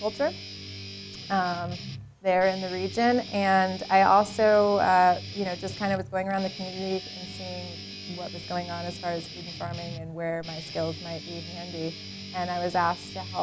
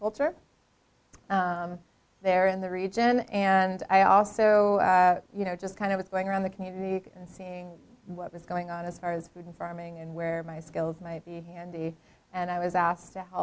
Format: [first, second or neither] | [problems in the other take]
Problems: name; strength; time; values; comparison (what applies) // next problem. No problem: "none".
second | background sound (Guitar); 12 dB below the speech